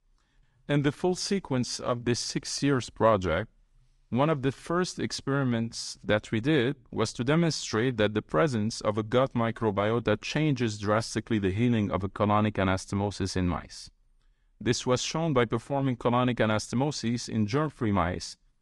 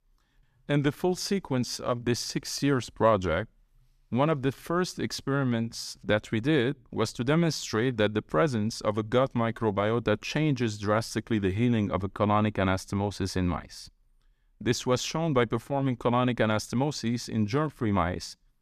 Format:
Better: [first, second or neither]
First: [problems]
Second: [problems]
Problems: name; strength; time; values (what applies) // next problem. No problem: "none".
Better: second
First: garbled, watery; slightly; nothing above 10.5 kHz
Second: none